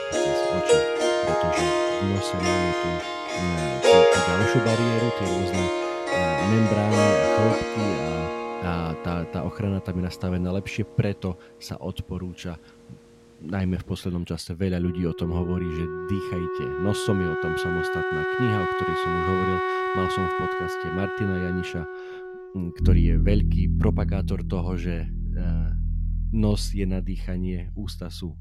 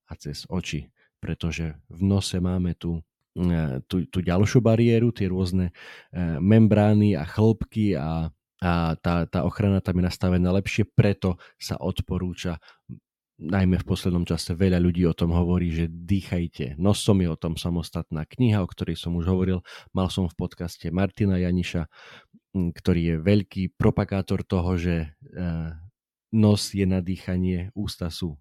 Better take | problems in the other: second | background music; very loud; throughout; 4 dB above the speech

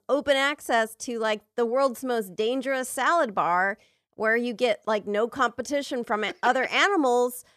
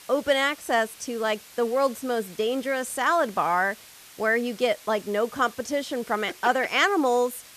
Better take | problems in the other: first | hiss; faint; throughout; 20 dB below the speech

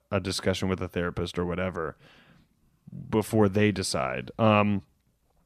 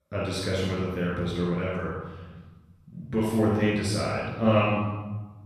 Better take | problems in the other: first | off-mic speech; far // room echo; strong; dies away in 1.2 s

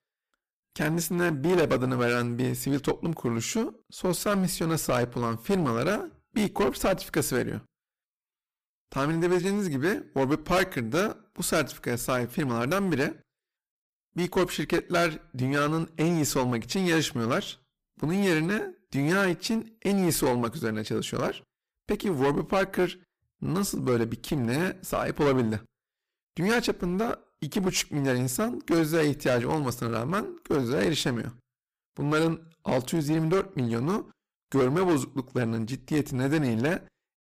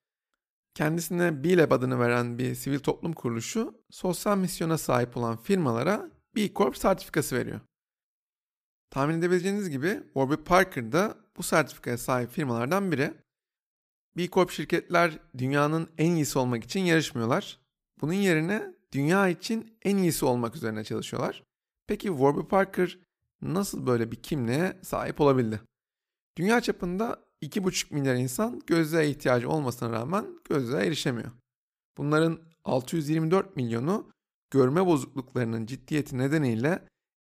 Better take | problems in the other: second | distortion; heavy; 10% of the sound clipped

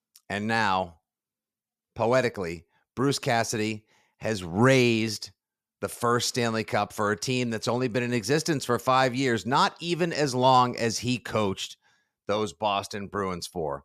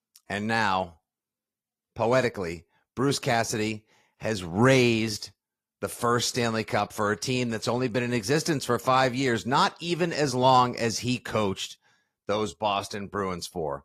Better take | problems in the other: first | garbled, watery; slightly; nothing above 14.5 kHz

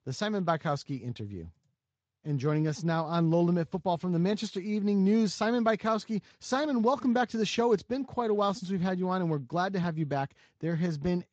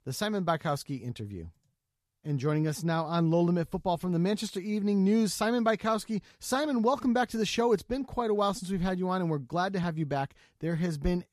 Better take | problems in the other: second | garbled, watery; slightly; nothing above 7.5 kHz

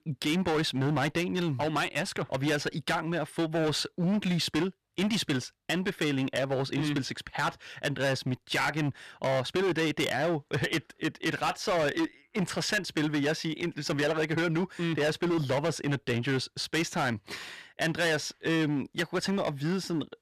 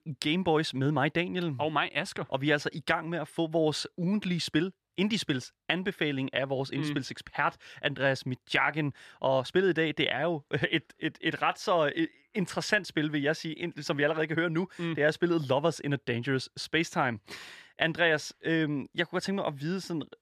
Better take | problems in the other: second | distortion; heavy; 16% of the sound clipped

